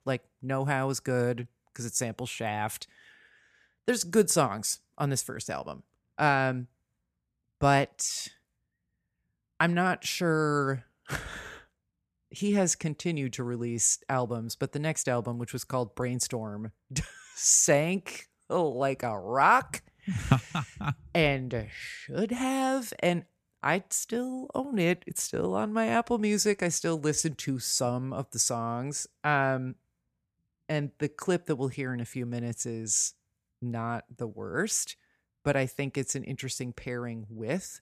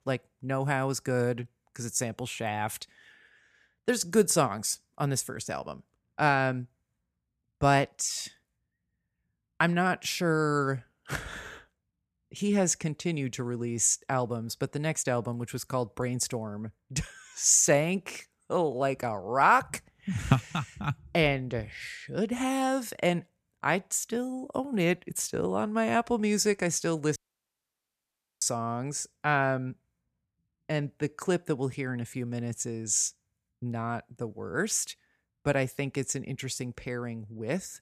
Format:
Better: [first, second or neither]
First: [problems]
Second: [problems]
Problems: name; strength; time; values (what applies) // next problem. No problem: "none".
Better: first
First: none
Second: audio cutting out; at 27 s for 1.5 s